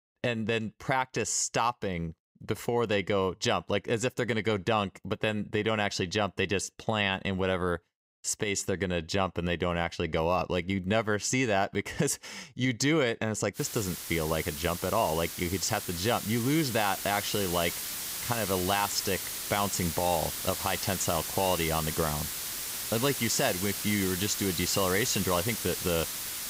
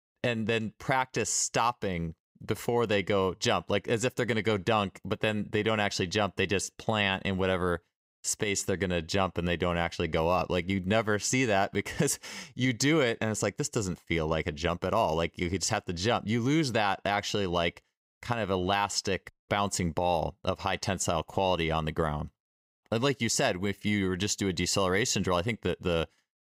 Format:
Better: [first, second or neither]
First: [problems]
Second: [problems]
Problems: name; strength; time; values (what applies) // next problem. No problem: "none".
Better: second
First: hiss; loud; from 14 s on; 4 dB below the speech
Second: none